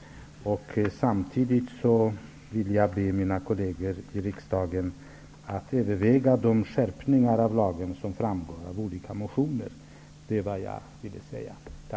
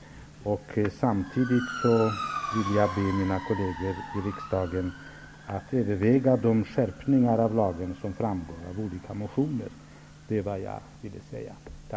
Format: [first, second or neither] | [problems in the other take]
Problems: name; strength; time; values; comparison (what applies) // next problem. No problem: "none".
first | background sound (Motor vehicle (road) / Siren); 13 dB below the speech